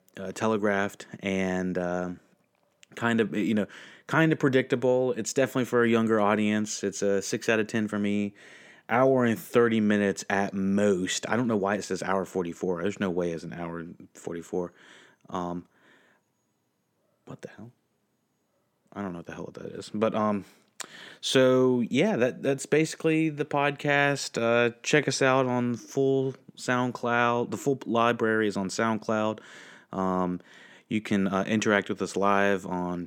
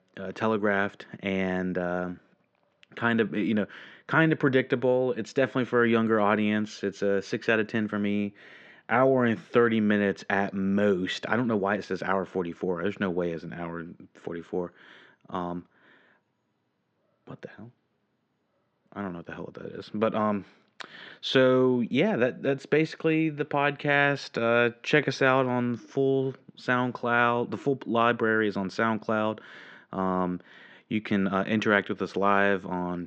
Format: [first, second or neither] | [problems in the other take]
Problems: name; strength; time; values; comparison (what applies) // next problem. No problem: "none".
first | muffled; slightly; fading above 4.5 kHz